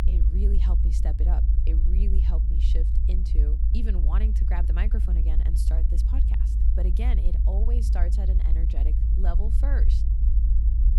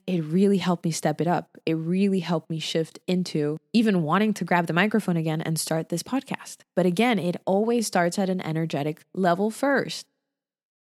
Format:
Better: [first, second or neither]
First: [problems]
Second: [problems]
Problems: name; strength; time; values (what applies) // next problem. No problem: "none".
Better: second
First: low rumble; loud; throughout; 2 dB below the speech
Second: none